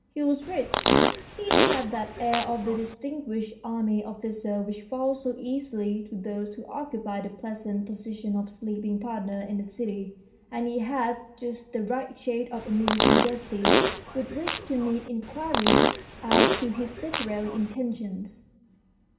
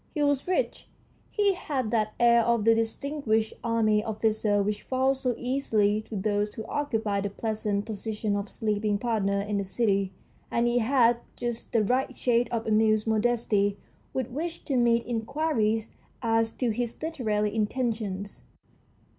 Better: second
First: background sound (Fart); 4 dB above the speech // room echo; dies away in 1.7 s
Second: none

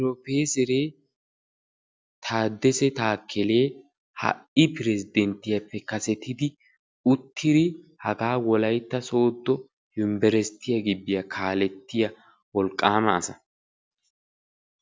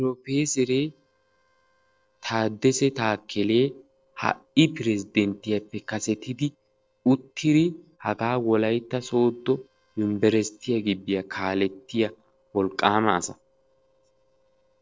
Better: first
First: none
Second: noise reduction (neural separator model SepFormer DNS4)

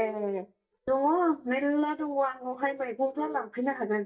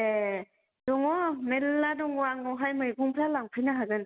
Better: second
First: noise reduction (neural mask model DeepFilterNet 3)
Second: none

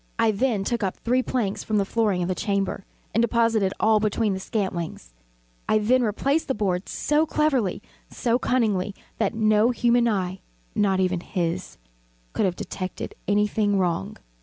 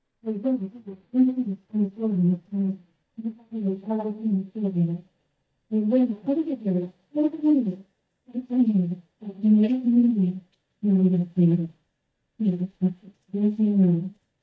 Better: first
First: none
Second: noise reduction (neural mask model DeepFilterNet 3)

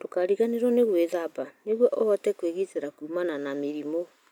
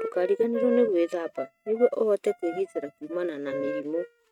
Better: first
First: none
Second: noise reduction (neural mask model RNNoise)

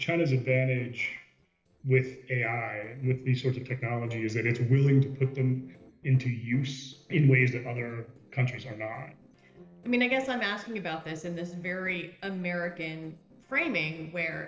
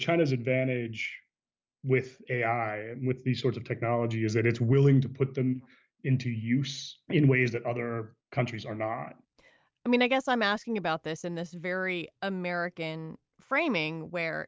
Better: second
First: noise reduction (neural separator model SepFormer DNS4)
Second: none

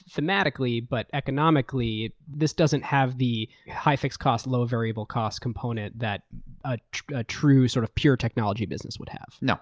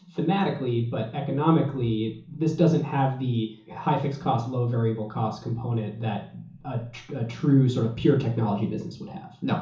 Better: first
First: none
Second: room echo; dies away in 0.7 s

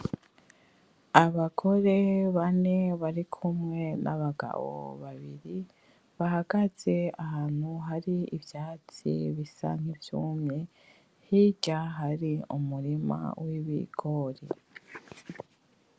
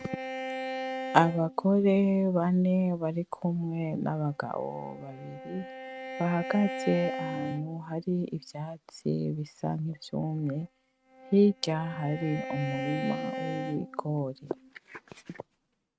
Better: first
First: none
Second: noise reduction (neural mask model RNNoise)

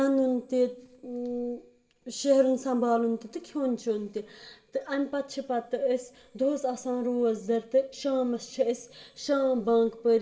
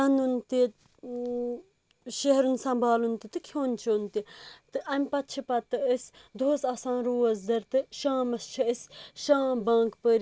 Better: second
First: room echo; dies away in 1.1 s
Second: none

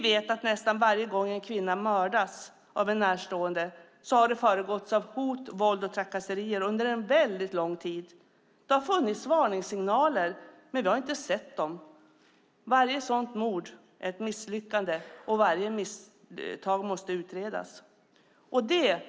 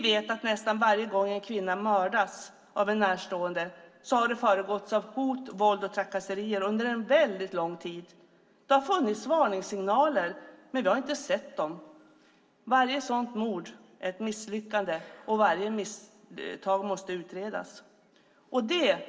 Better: first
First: none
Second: room echo; dies away in 0.7 s

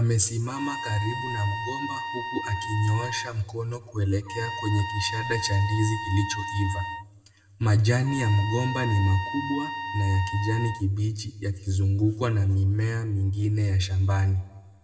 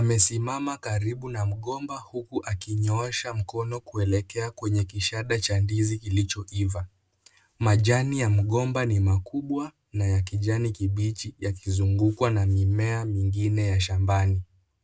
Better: second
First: background sound (Trumpet); 8 dB below the speech // room echo; dies away in 0.9 s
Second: none

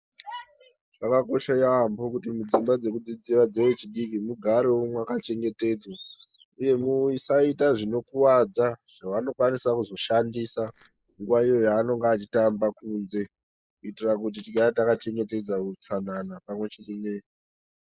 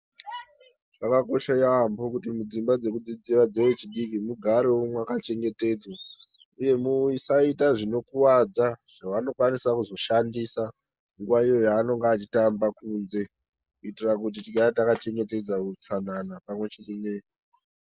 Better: second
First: noise reduction (neural mask model Resemble Enhance denoiser)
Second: none

